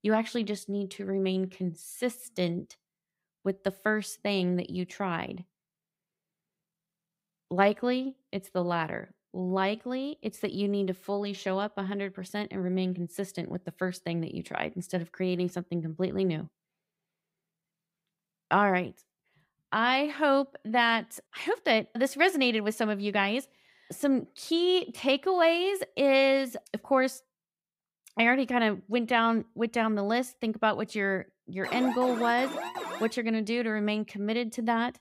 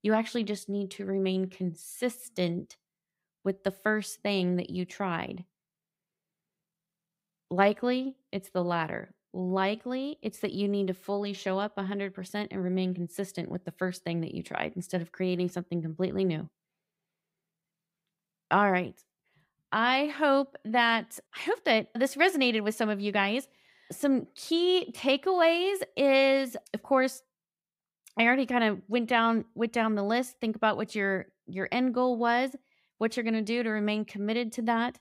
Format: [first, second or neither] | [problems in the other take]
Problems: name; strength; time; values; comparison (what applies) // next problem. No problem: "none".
second | alarm; noticeable; from 32 to 33 s; peak 6 dB below the speech